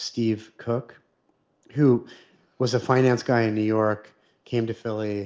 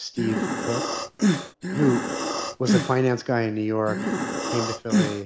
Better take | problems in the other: first | background sound (Breathing); 1 dB above the speech

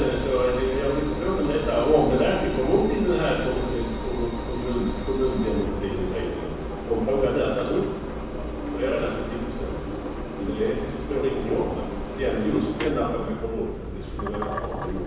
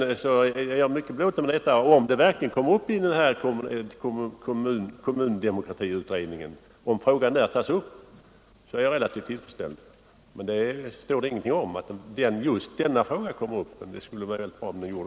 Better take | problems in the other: second | background sound (Engine); 5 dB below the speech // room echo; dies away in 1.1 s

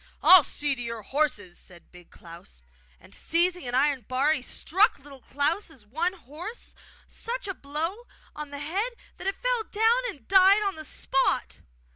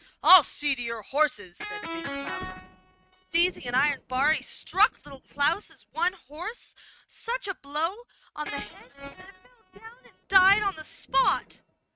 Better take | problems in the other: first | noise reduction (neural mask model RNNoise)

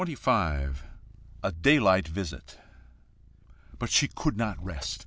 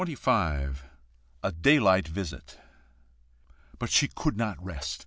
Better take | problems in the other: second | background sound (Purr); 19 dB below the speech

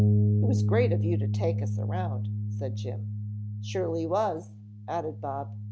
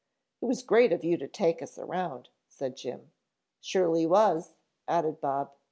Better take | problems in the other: second | background sound (Bass guitar); 5 dB above the speech

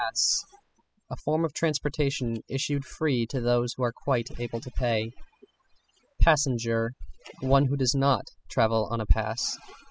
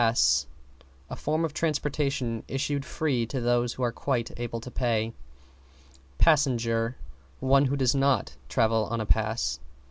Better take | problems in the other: second | noise reduction (classical method spectral subtraction)

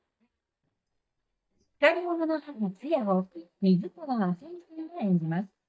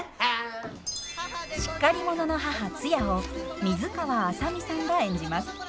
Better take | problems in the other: second | noise reduction (neural mask model DeepFilterNet 3)

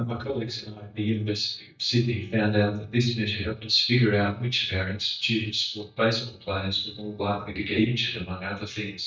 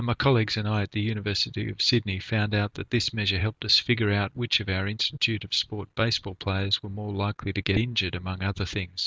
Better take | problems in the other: second | noise reduction (neural mask model DeepFilterNet 3)

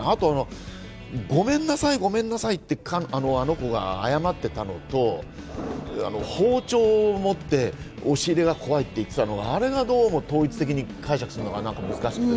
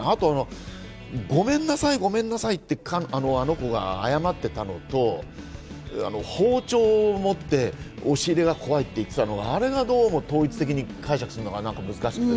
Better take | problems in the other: second | background sound (Thunder); 19 dB below the speech

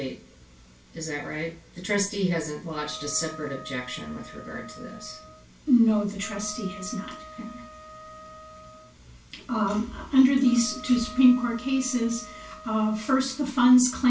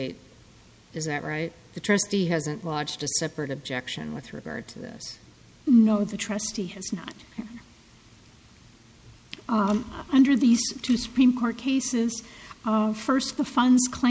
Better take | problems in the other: second | background sound (Wind instrument, woodwind instrument); 18 dB below the speech // room echo; dies away in 0.3 s

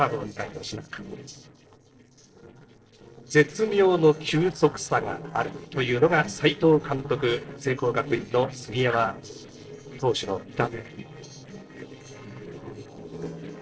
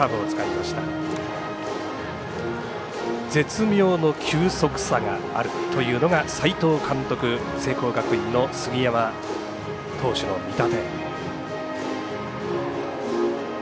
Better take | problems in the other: second | noise reduction (neural separator model SepFormer DNS4)

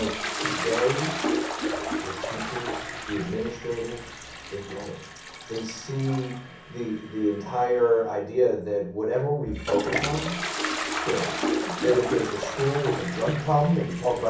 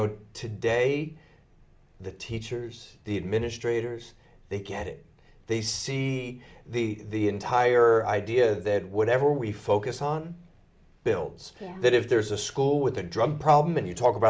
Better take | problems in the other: second | background sound (Toilet flush); 5 dB below the speech // room echo; dies away in 0.6 s

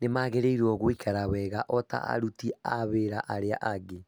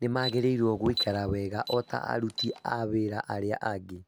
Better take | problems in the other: first | background sound (Alarm); 11 dB below the speech

